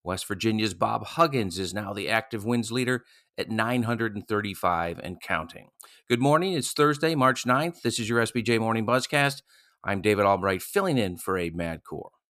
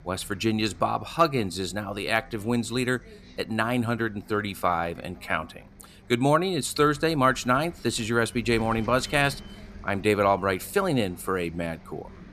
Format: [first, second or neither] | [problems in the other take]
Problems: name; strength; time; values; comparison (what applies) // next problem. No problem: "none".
first | traffic noise; faint; throughout; 20 dB below the speech